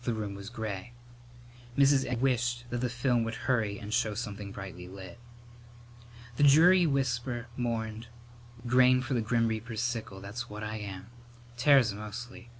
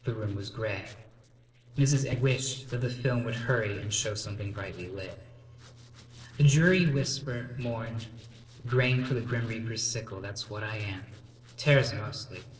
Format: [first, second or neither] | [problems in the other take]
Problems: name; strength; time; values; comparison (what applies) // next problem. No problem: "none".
first | noise reduction (neural separator model SepFormer DNS4)